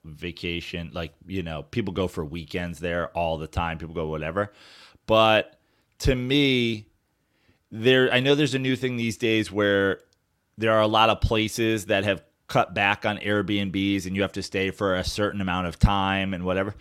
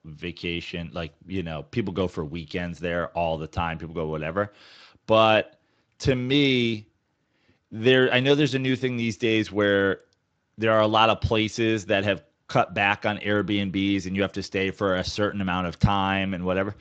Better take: first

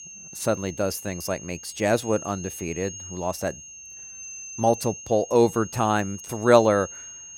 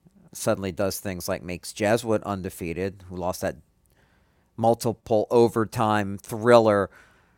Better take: second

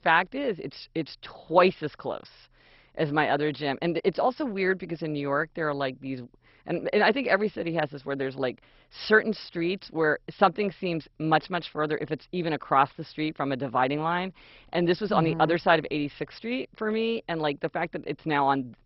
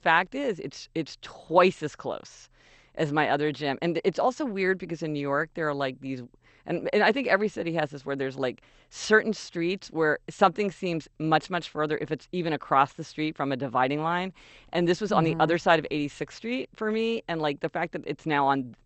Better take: second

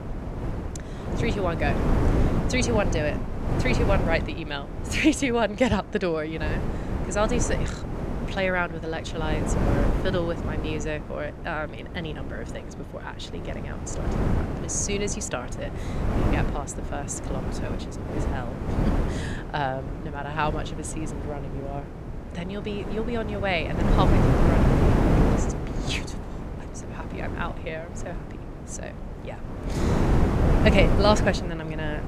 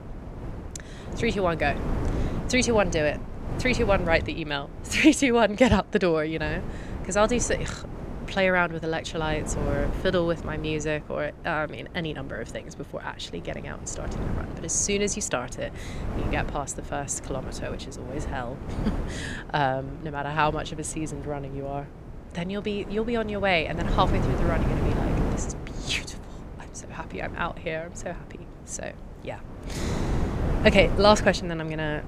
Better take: second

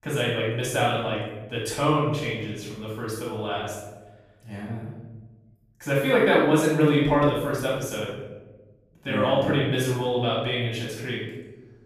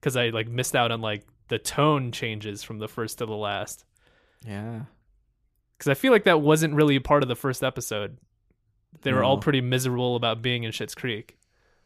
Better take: second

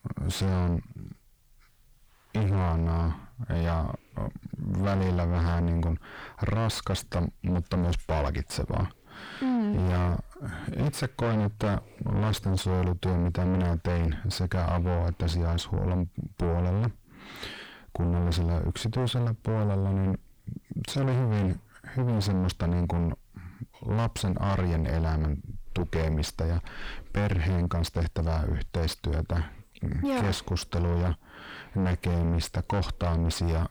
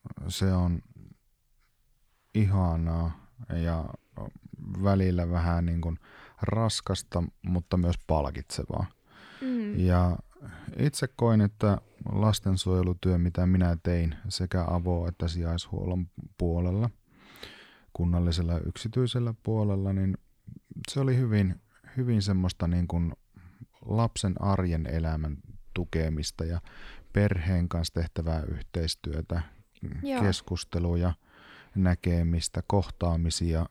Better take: second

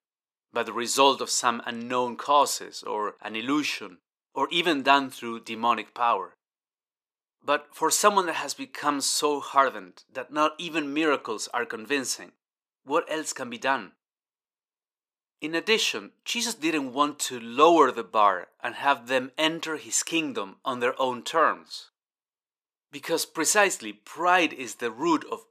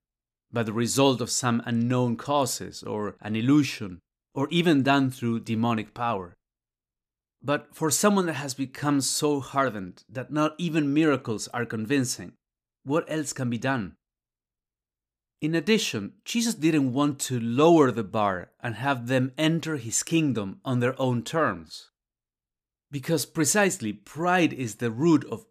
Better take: second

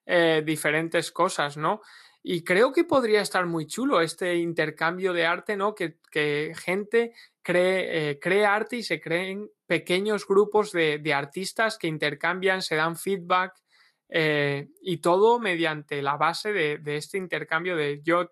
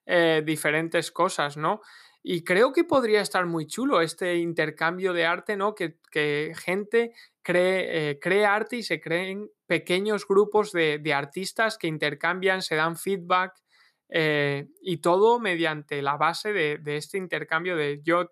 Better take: second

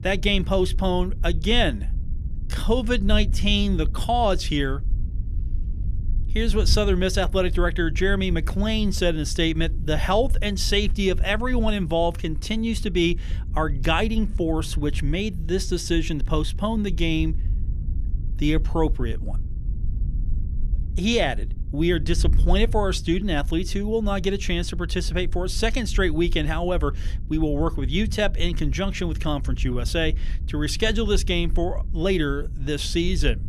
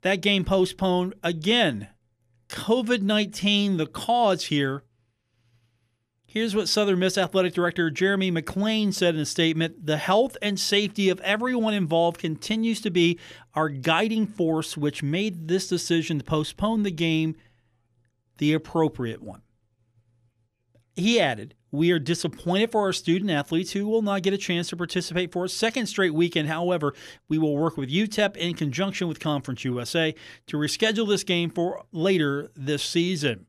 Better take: second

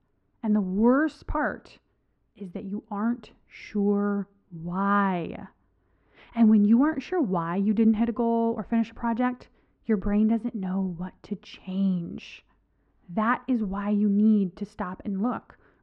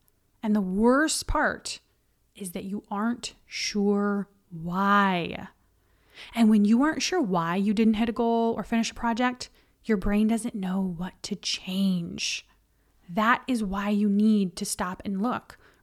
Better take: second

